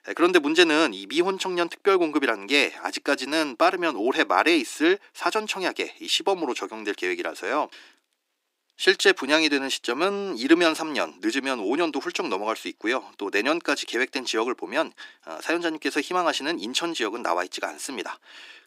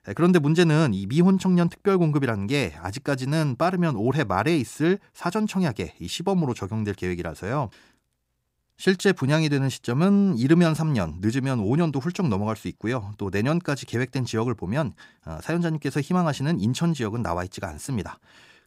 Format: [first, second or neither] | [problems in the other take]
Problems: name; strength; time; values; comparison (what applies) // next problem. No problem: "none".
second | thin; very; fading below 300 Hz